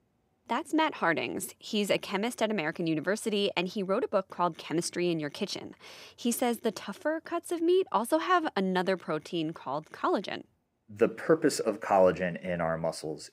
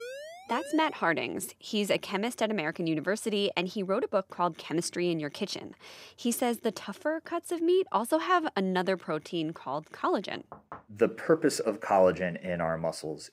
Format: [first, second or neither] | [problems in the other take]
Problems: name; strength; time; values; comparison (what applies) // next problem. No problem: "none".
first | siren; faint; at the start; peak 10 dB below the speech // door banging; faint; at 10 s; peak 15 dB below the speech